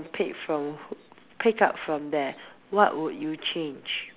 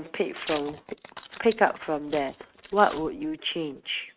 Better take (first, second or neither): first